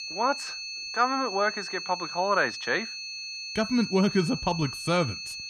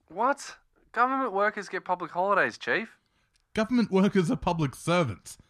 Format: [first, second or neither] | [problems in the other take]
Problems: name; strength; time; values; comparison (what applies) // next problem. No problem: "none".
second | high-pitched whine; loud; throughout; 4.5 kHz, 7 dB below the speech